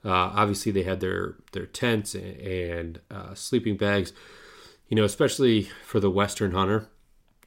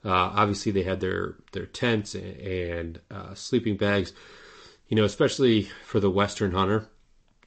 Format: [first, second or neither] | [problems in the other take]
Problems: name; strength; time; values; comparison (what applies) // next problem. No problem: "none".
first | garbled, watery; slightly; nothing above 8 kHz